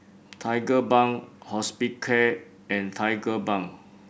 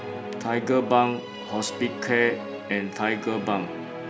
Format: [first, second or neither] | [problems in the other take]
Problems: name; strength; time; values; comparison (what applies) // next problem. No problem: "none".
first | background sound (Musical instrument); 9 dB below the speech